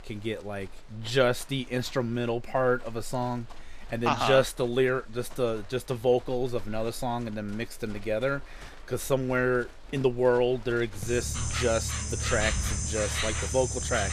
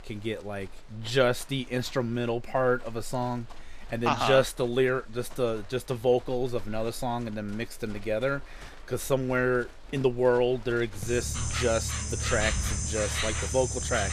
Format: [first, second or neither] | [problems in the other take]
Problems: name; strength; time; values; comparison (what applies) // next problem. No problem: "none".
neither | animal sounds; loud; throughout; 2 dB below the speech; the same in both